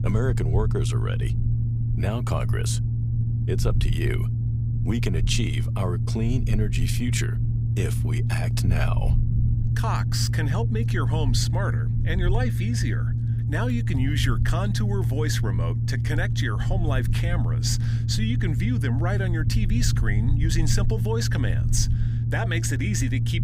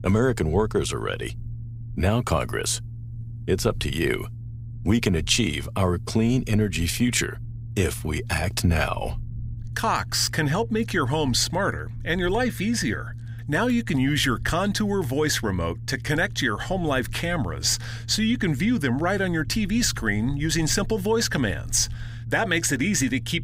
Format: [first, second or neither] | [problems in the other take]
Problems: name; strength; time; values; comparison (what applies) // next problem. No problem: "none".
second | low rumble; loud; throughout; 6 dB below the speech; faint in the second